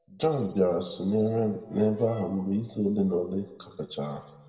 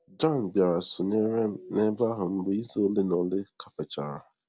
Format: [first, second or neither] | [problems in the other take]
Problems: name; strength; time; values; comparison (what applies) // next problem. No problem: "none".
second | background sound (Brass instrument); 20 dB below the speech // room echo; dies away in 1.1 s